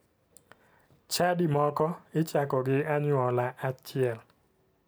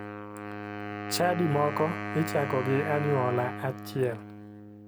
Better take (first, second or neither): first